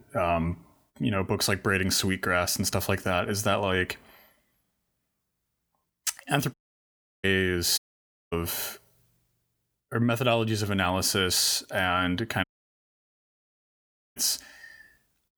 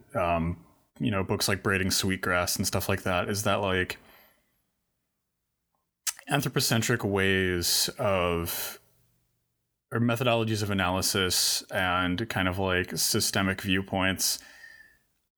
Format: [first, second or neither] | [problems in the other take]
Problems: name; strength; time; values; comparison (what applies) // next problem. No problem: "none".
second | audio cutting out; at 6.5 s for 0.5 s, at 8 s for 0.5 s and at 12 s for 1.5 s